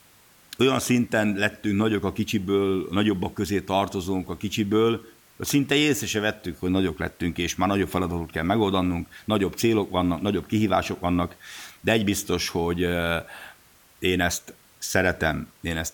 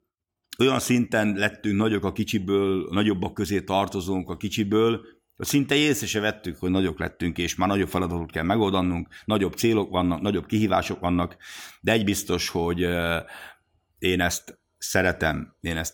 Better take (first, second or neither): second